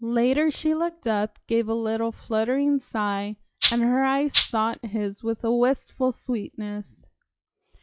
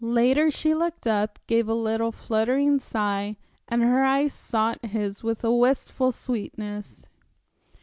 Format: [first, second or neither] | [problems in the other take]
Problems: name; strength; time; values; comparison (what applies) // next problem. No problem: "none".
second | noise reduction (classical method log-MMSE)